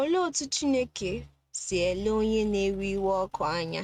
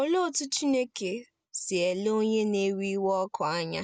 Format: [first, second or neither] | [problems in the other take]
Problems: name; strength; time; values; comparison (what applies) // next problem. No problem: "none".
second | noise reduction (neural mask model RNNoise)